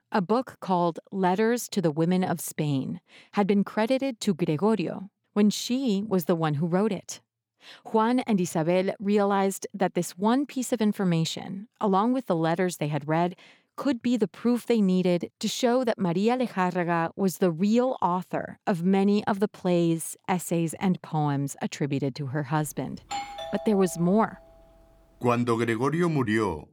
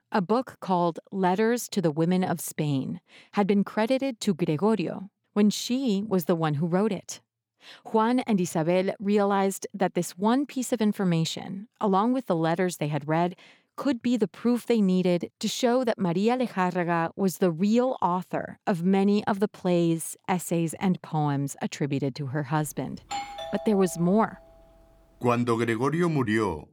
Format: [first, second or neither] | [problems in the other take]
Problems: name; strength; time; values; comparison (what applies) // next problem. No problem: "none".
neither | doorbell; noticeable; from 23 to 24 s; peak 8 dB below the speech; the same in both